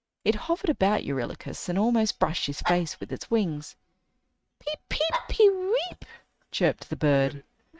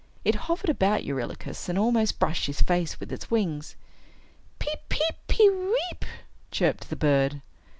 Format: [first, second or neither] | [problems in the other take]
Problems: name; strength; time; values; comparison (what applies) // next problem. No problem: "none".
second | noise reduction (neural mask model RNNoise)